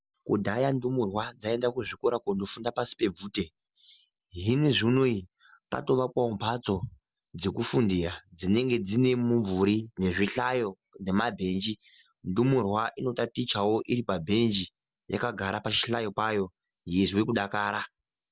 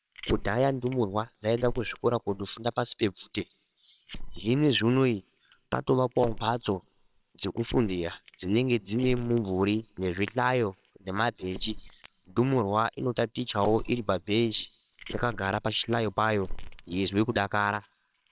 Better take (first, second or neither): first